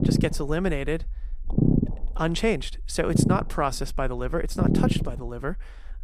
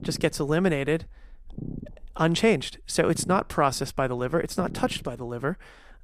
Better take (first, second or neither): second